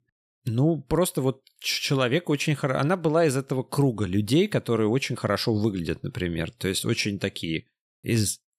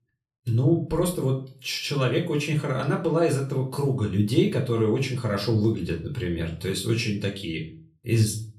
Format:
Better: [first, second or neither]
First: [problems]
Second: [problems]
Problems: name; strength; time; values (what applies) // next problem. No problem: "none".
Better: first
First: none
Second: off-mic speech; far // room echo; slight; dies away in 0.4 s